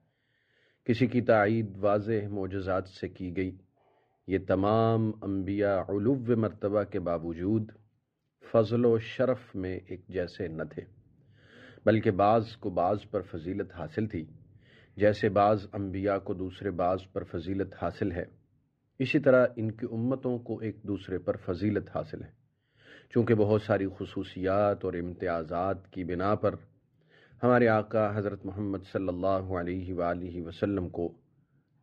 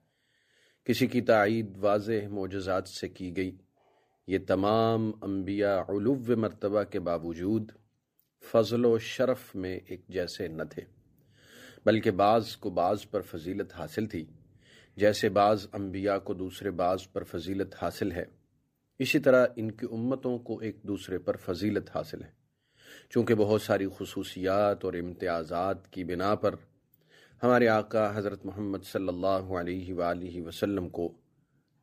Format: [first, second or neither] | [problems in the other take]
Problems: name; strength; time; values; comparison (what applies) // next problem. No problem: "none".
second | muffled; slightly; fading above 3 kHz